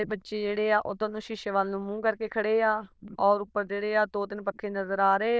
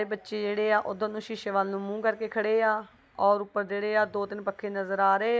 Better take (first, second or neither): second